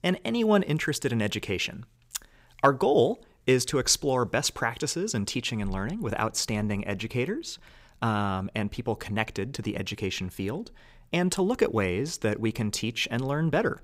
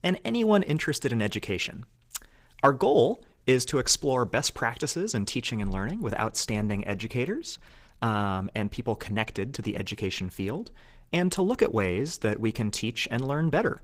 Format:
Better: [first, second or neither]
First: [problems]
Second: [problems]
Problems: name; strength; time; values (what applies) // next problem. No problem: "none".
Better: first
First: none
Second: garbled, watery; slightly; nothing above 15.5 kHz